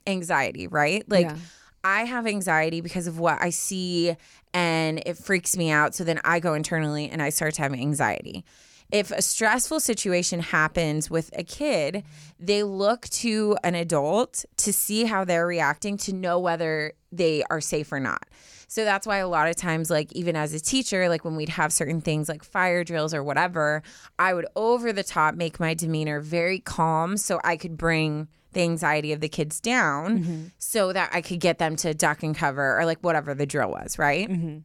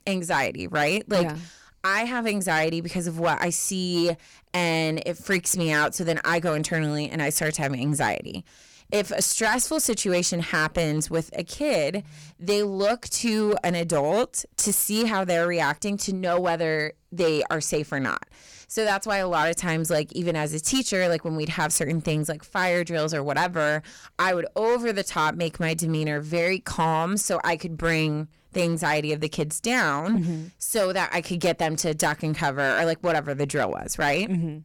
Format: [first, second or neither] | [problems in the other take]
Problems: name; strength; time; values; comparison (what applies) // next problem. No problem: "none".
first | distortion; slight; 6% of the sound clipped